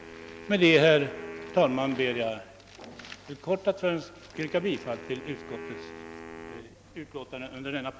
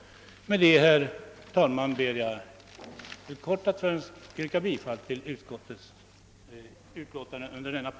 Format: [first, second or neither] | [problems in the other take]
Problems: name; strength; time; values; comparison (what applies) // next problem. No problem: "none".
second | background sound (Wind instrument, woodwind instrument); 16 dB below the speech